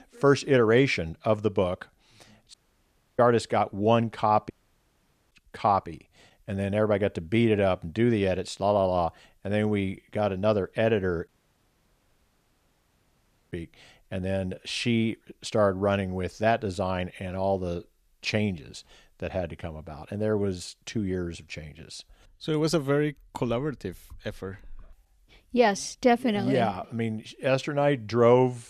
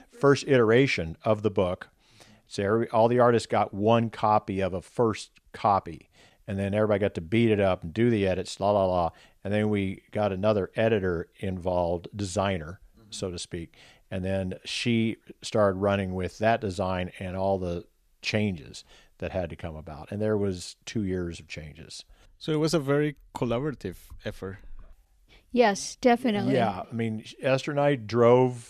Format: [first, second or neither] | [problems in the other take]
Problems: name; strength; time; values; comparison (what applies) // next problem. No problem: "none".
second | audio cutting out; at 2.5 s for 0.5 s, at 4.5 s for 1 s and at 11 s for 2 s